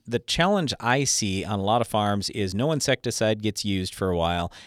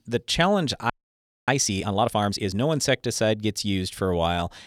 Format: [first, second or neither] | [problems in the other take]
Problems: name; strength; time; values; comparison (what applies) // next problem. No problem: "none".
first | audio freezing; at 1 s for 0.5 s